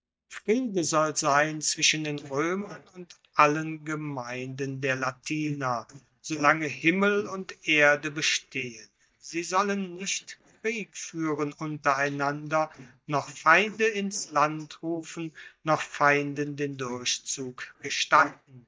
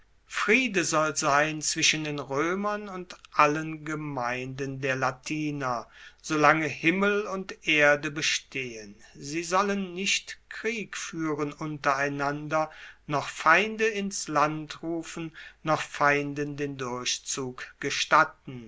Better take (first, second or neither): second